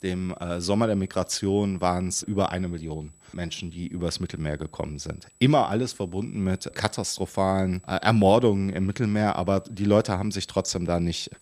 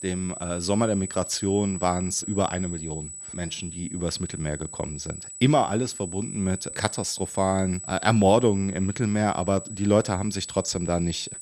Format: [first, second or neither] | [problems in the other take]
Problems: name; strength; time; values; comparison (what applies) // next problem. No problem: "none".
first | high-pitched whine; loud; throughout; 8 kHz, 10 dB below the speech; faint in the first